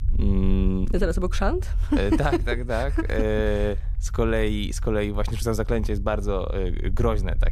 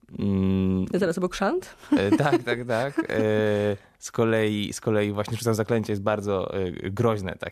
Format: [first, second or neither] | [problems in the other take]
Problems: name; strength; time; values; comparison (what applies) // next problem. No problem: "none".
second | low rumble; faint; throughout; 20 dB below the speech